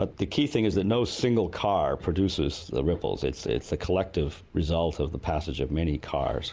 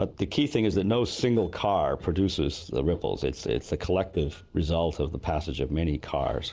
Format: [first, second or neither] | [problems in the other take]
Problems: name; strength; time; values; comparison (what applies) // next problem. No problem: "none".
first | noise reduction (neural separator model SepFormer DNS4)